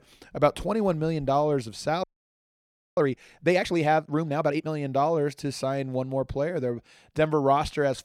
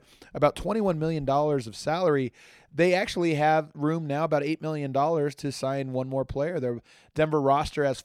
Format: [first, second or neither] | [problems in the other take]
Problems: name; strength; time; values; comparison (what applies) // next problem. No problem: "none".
second | audio freezing; at 2 s for 1 s